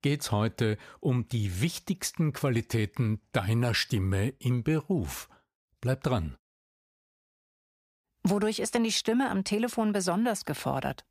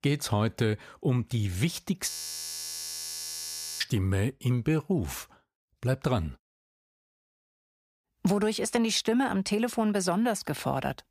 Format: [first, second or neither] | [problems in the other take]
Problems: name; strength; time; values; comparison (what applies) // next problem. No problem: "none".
first | audio freezing; at 2 s for 1.5 s